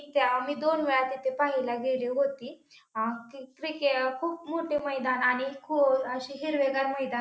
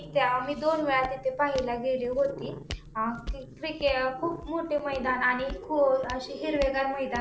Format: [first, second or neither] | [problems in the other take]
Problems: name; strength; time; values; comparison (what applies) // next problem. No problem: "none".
first | background sound (Walk, footsteps + Growling); 12 dB below the speech